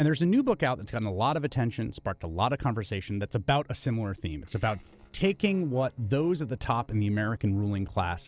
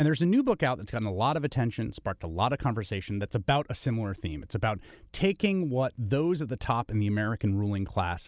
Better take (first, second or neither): second